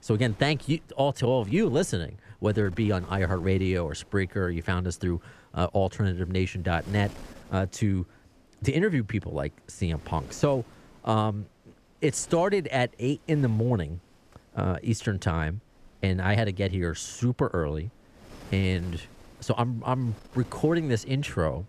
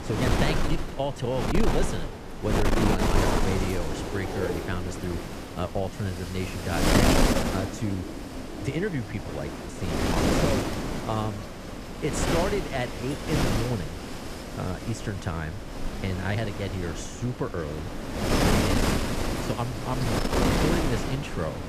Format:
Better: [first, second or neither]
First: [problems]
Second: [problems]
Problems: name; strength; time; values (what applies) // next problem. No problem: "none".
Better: first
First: wind noise on the microphone; occasional gusts; 25 dB below the speech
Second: wind noise on the microphone; heavy; 3 dB above the speech